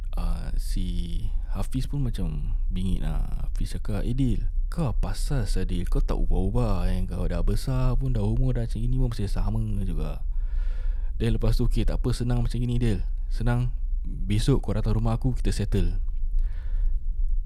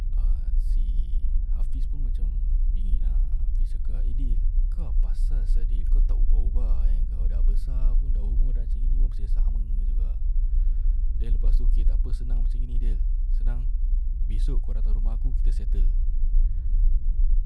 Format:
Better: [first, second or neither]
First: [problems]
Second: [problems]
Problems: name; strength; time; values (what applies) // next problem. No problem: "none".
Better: first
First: low rumble; faint; throughout; 25 dB below the speech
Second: low rumble; loud; throughout; 1 dB below the speech